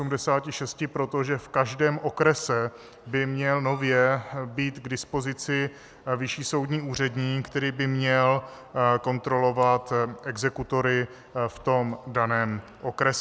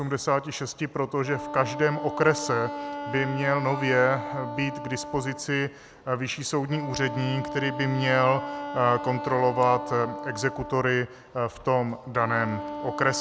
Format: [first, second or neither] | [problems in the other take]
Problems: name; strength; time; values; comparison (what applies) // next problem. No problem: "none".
first | background sound (Wind instrument, woodwind instrument); 9 dB below the speech